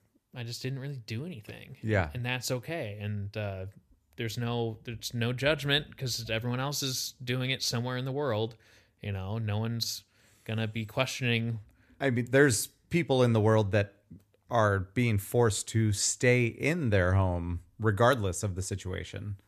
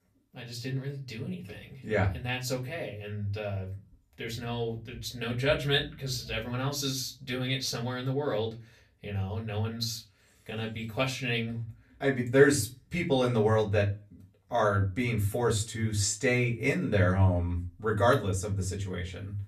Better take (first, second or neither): first